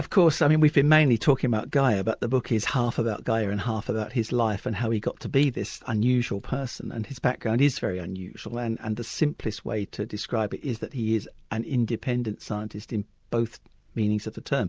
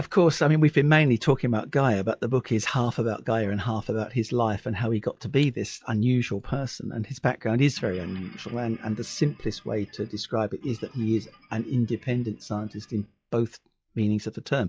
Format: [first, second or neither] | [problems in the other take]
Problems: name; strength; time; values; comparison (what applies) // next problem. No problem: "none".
first | noise reduction (classical method log-MMSE)